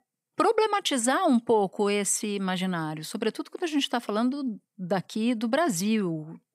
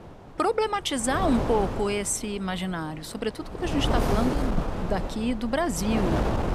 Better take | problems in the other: first | wind noise on the microphone; heavy; 4 dB below the speech

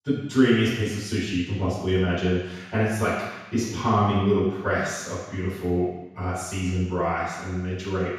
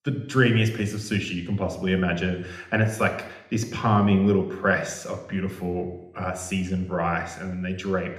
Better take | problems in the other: second | room echo; strong; dies away in 1.1 s; slight in the second // off-mic speech; far; somewhat distant in the second

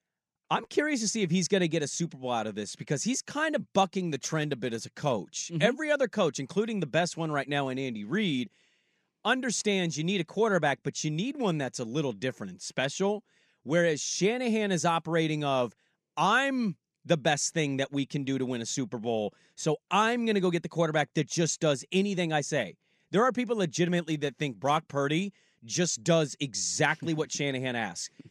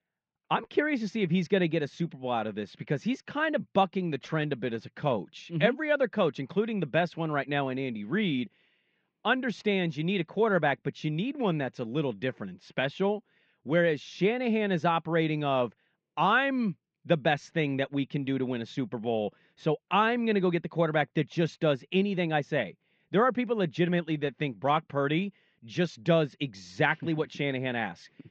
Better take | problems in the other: first | muffled; very; fading above 3.5 kHz

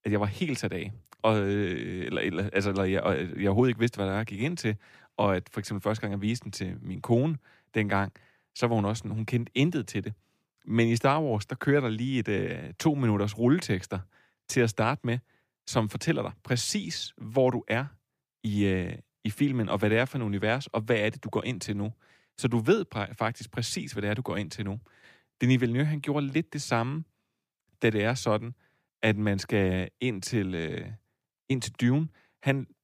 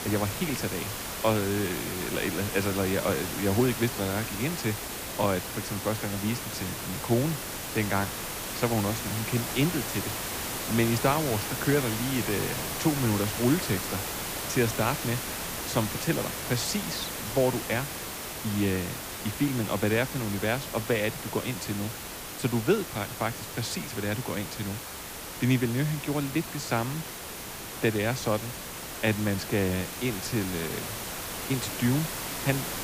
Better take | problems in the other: first | hiss; loud; throughout; 4 dB below the speech

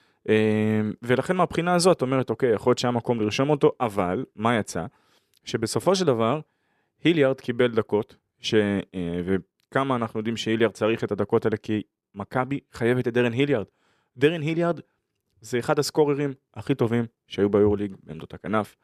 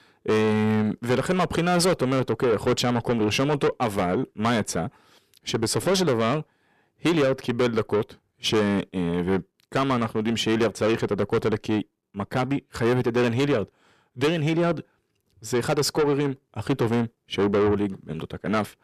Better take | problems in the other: first | distortion; heavy; 7 dB below the speech

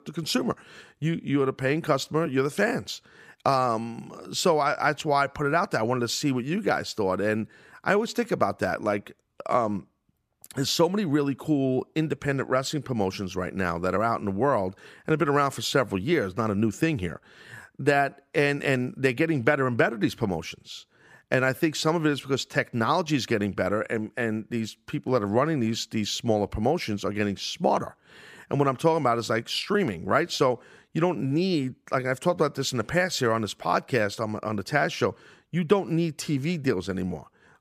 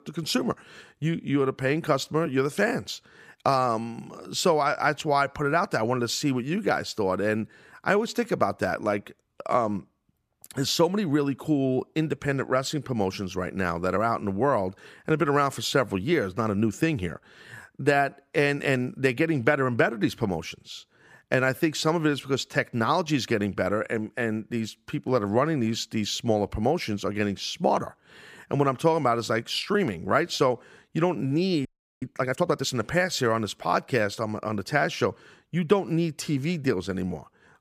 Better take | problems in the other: first | audio freezing; at 32 s

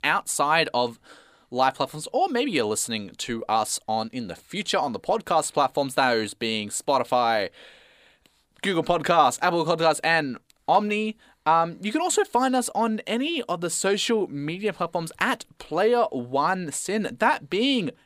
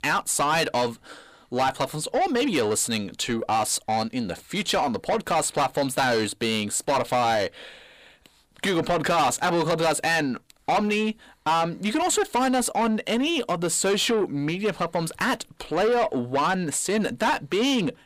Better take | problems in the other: first | distortion; heavy; 8 dB below the speech

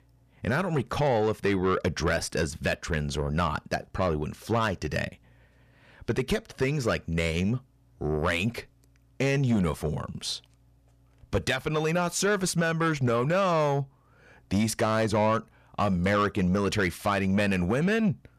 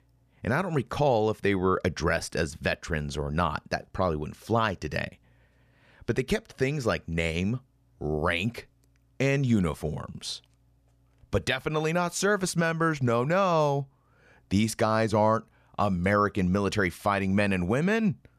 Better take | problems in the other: second | distortion; slight; 10 dB below the speech

